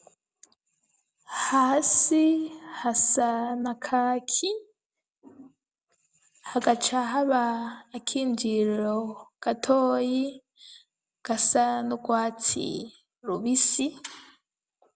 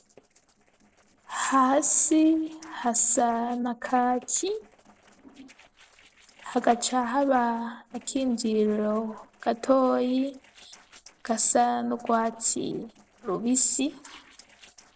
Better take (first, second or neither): first